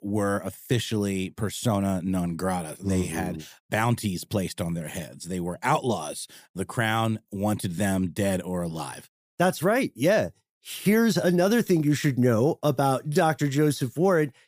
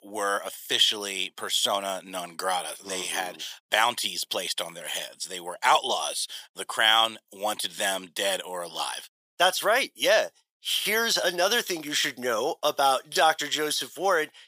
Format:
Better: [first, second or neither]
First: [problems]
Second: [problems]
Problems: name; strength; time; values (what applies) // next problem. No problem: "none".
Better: first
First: none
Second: thin; very; fading below 800 Hz